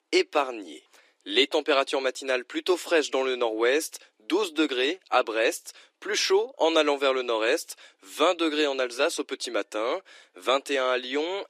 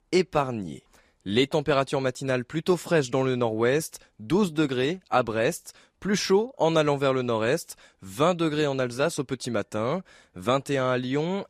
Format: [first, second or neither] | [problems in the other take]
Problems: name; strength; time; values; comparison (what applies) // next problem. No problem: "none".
second | thin; somewhat; fading below 300 Hz